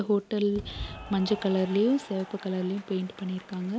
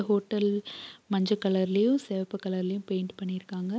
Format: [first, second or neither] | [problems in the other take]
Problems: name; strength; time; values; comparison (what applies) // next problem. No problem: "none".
second | background sound (Applause / Cheering); 15 dB below the speech